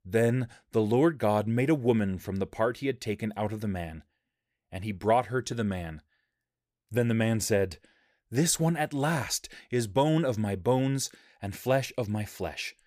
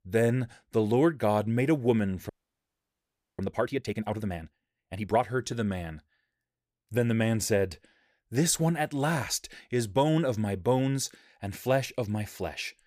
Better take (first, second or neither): first